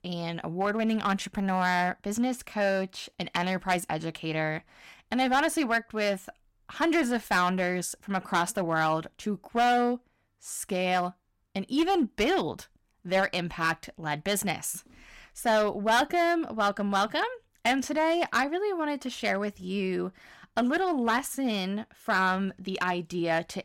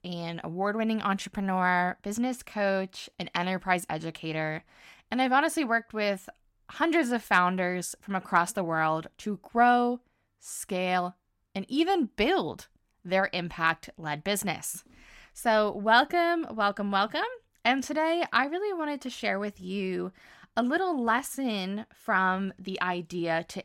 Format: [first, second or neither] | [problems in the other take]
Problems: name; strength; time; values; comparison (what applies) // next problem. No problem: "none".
second | distortion; slight; 4% of the sound clipped